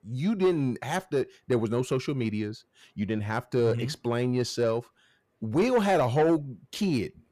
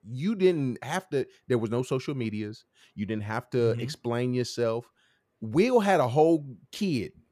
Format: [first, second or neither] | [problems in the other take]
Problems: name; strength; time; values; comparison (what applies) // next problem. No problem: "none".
second | distortion; slight; 10 dB below the speech